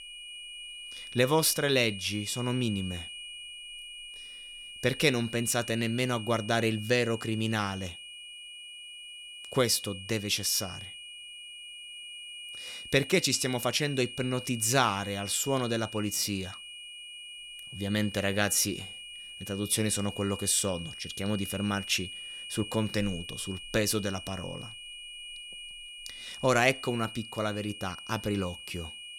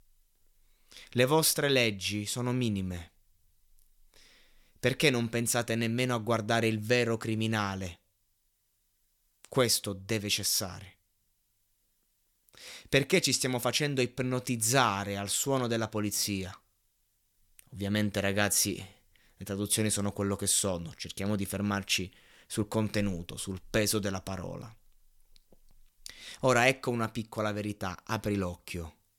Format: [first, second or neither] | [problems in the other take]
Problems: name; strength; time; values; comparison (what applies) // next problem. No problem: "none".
second | high-pitched whine; noticeable; throughout; 3 kHz, 10 dB below the speech